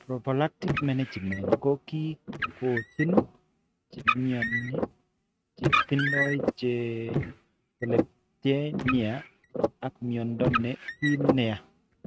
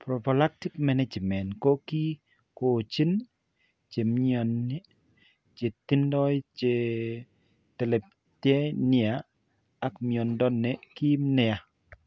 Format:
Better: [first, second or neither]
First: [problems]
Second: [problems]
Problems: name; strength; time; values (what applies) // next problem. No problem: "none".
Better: second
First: noise reduction (neural mask model RNNoise)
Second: none